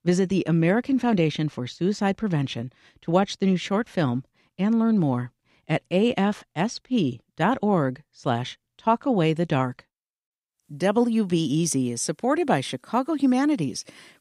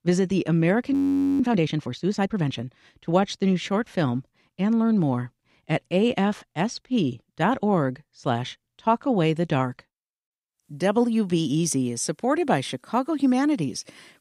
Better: first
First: none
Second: audio freezing; at 1 s

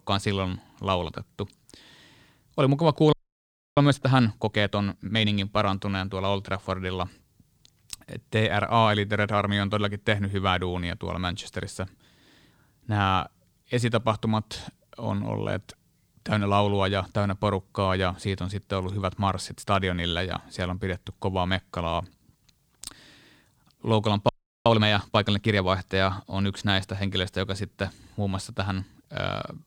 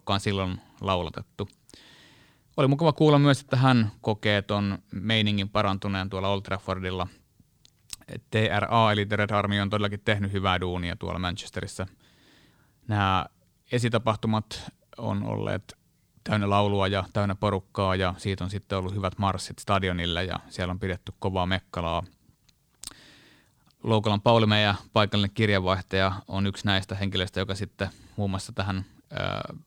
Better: second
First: audio freezing; at 3 s for 0.5 s and at 24 s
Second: none

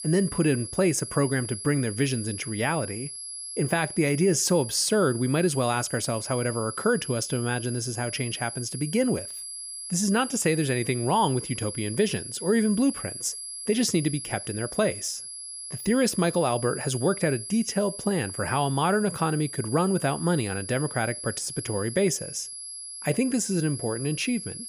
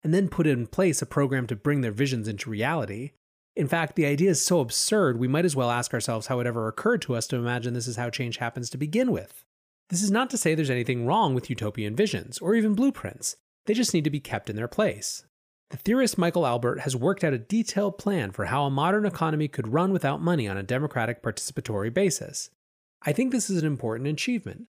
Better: second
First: high-pitched whine; loud; throughout; 11 kHz, 9 dB below the speech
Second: none

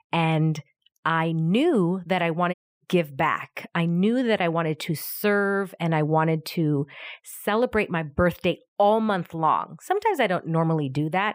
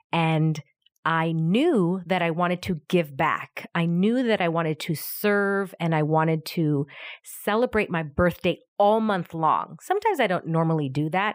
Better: second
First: audio cutting out; at 2.5 s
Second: none

